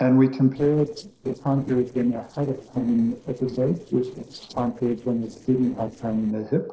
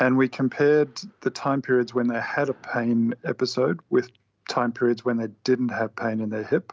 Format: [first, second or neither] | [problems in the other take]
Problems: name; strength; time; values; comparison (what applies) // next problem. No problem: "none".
second | noise reduction (neural separator model SepFormer DNS4)